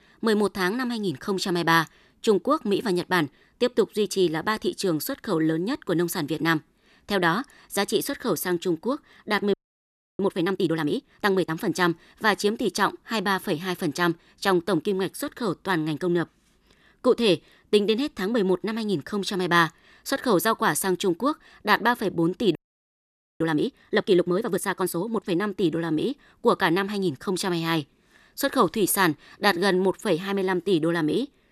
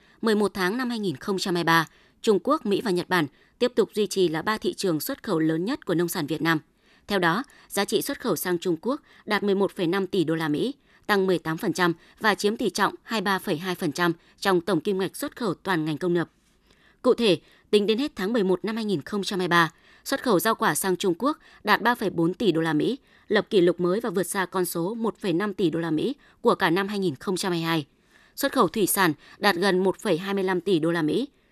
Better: second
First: audio freezing; at 9.5 s for 0.5 s and at 23 s for 1 s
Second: none

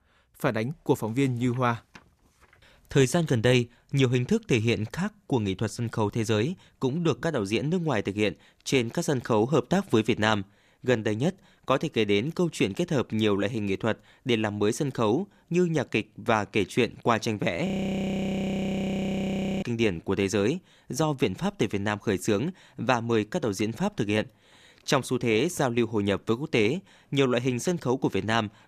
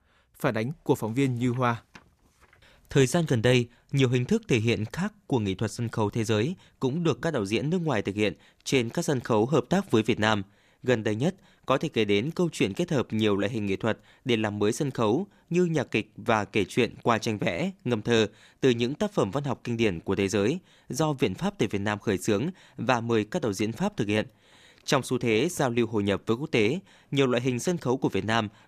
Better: second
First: audio freezing; at 18 s for 2 s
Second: none

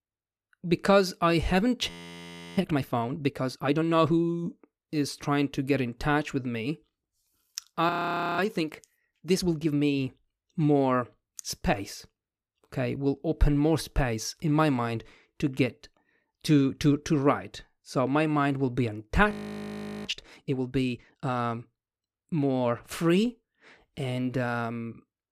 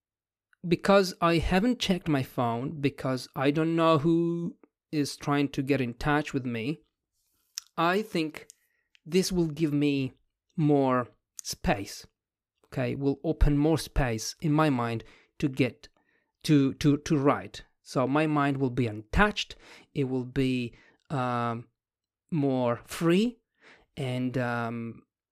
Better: second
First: audio freezing; at 2 s for 0.5 s, at 8 s and at 19 s for 0.5 s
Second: none

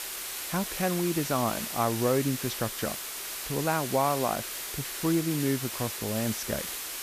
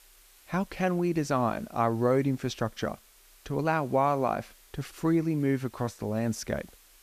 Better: second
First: hiss; loud; throughout; 4 dB below the speech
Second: hiss; faint; throughout; 25 dB below the speech

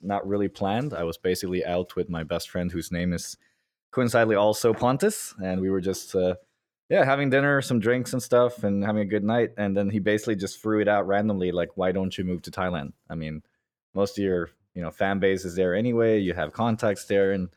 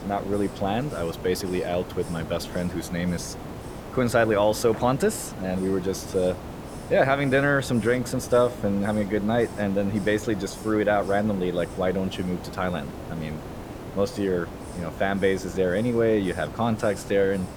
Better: first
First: none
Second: hiss; noticeable; throughout; 10 dB below the speech

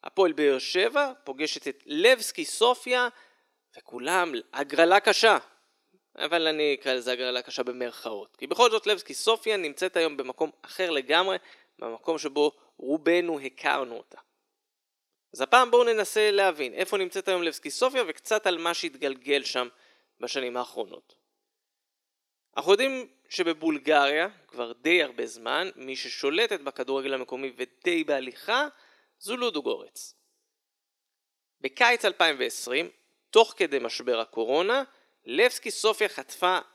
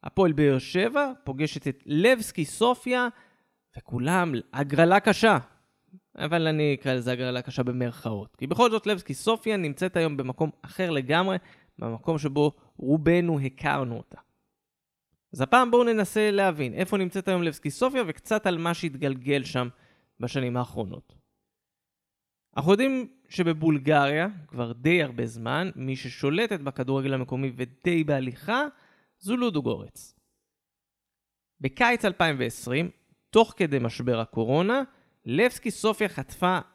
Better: second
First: thin; somewhat; fading below 350 Hz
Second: none

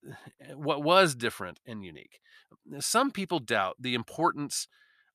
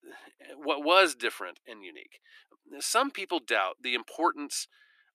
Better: first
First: none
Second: thin; very slightly; fading below 300 Hz

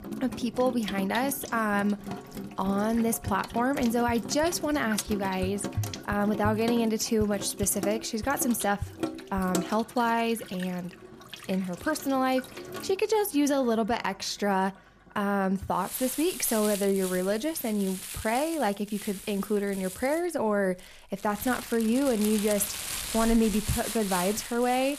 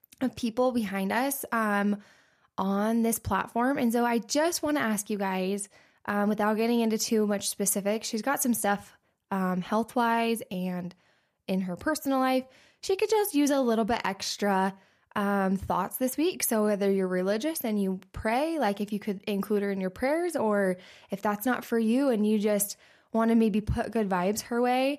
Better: second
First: household noises; loud; throughout; 9 dB below the speech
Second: none

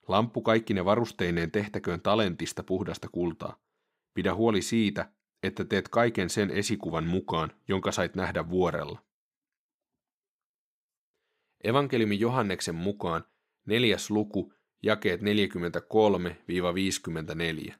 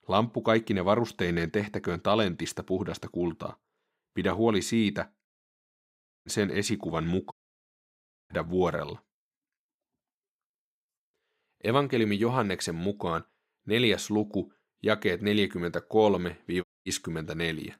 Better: first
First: none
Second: audio cutting out; at 5.5 s for 1 s, at 7.5 s for 1 s and at 17 s

